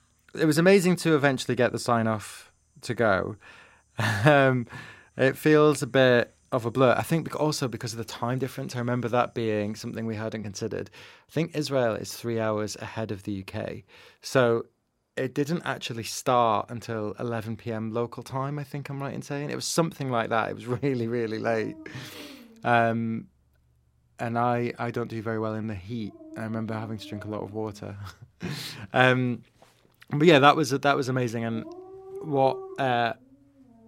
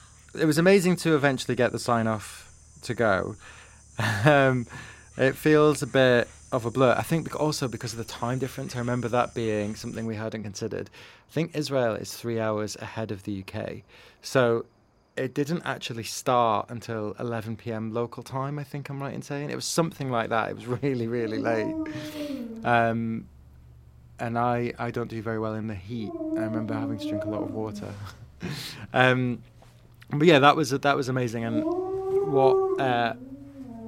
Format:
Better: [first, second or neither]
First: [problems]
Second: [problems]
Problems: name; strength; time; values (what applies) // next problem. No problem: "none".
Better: first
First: animal sounds; faint; throughout; 20 dB below the speech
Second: animal sounds; loud; throughout; 6 dB below the speech